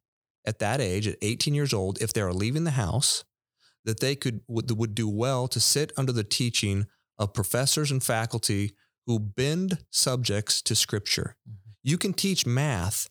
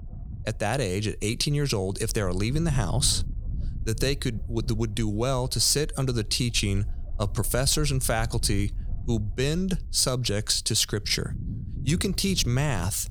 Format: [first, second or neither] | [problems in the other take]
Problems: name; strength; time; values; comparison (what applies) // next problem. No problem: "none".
first | low rumble; faint; throughout; 25 dB below the speech